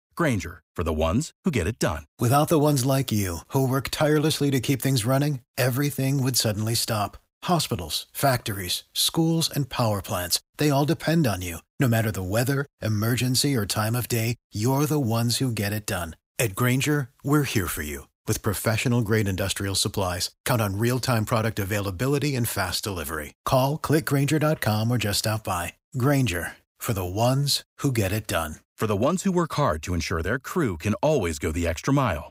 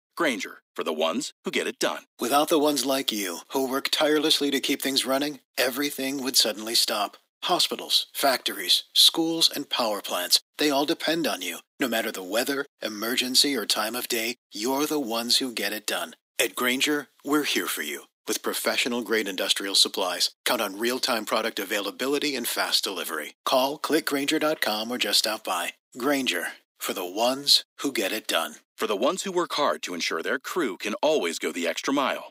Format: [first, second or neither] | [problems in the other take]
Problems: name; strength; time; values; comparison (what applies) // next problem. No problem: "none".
first | thin; somewhat; fading below 250 Hz